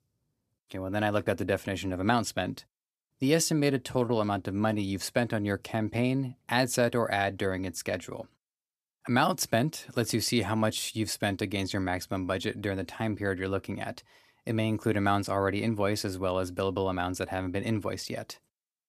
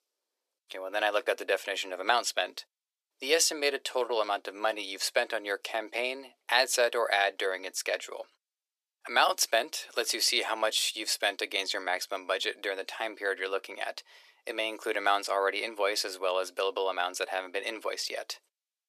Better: first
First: none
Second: thin; very; fading below 400 Hz

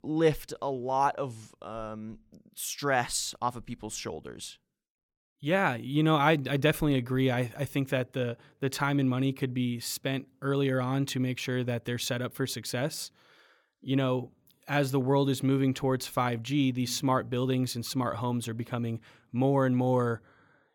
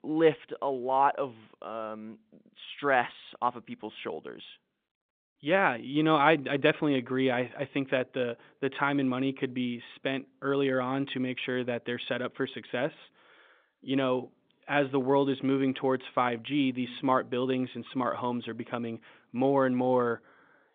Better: first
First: none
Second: phone-call audio

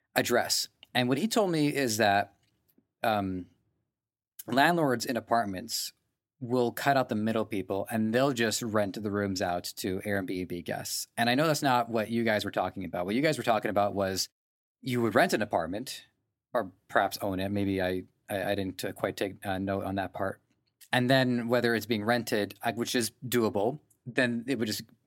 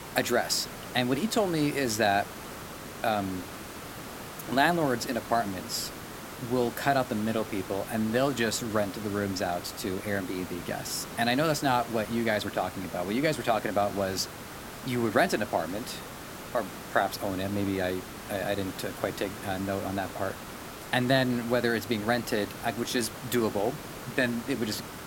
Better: first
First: none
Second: hiss; noticeable; throughout; 10 dB below the speech

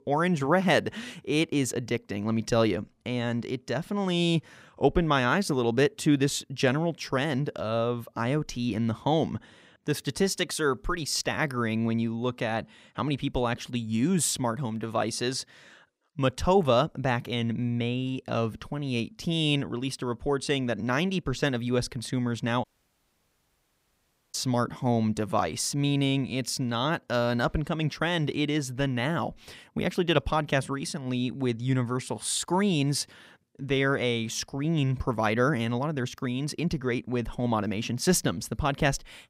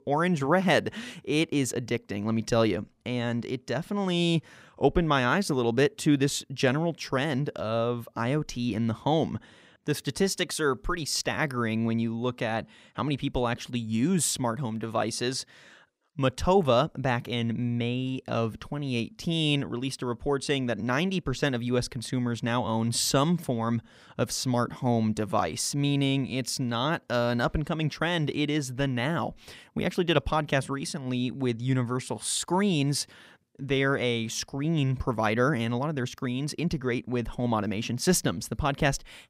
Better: second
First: audio cutting out; at 23 s for 1.5 s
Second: none

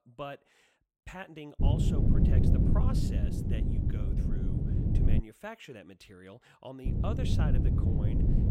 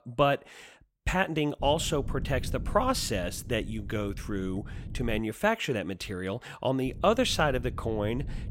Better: second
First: wind noise on the microphone; heavy; from 1.5 to 5 s and from 7 s on; 4 dB above the speech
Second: wind noise on the microphone; occasional gusts; from 1.5 to 5 s and from 7 s on; 25 dB below the speech

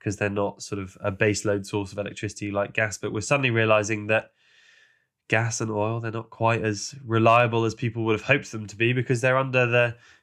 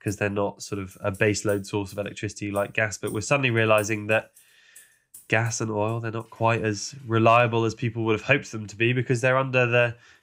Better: first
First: none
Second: household noises; faint; throughout; 25 dB below the speech

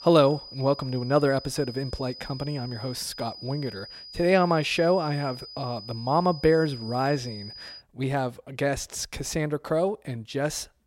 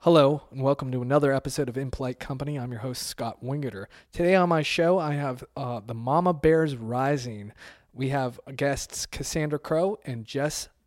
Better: second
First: high-pitched whine; noticeable; until 8 s; 5 kHz, 15 dB below the speech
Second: none

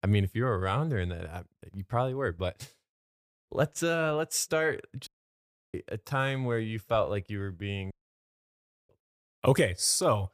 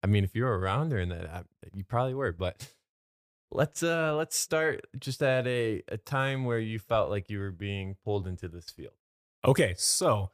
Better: second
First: audio cutting out; at 5 s for 0.5 s and at 8 s for 1 s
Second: none

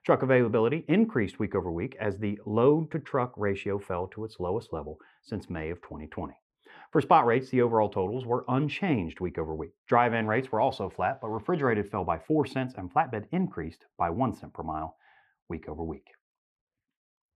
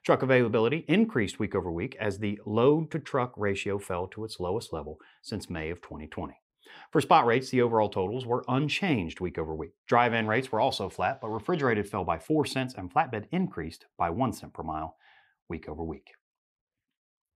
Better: second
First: muffled; slightly; fading above 3 kHz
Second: none

